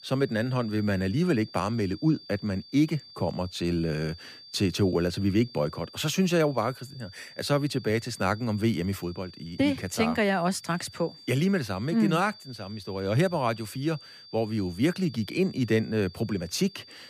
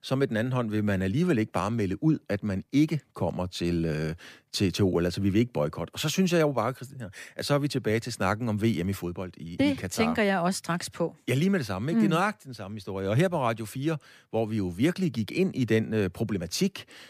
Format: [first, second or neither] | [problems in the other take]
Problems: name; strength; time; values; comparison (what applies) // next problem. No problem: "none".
second | high-pitched whine; noticeable; throughout; 4.5 kHz, 20 dB below the speech